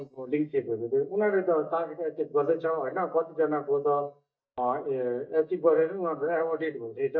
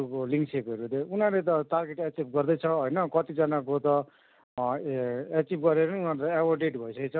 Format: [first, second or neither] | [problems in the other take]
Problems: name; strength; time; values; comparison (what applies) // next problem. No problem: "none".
second | noise reduction (neural mask model DeepFilterNet 3)